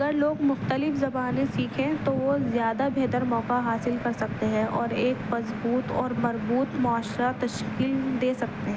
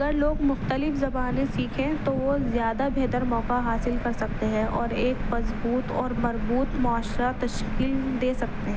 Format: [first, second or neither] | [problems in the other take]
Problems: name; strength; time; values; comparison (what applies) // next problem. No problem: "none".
first | background sound (Bark); 5 dB below the speech